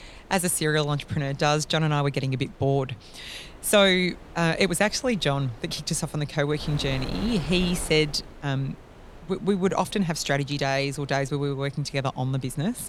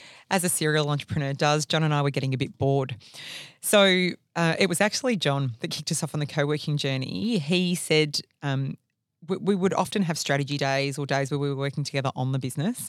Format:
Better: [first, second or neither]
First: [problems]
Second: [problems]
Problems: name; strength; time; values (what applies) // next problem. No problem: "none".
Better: second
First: wind noise on the microphone; occasional gusts; 20 dB below the speech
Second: none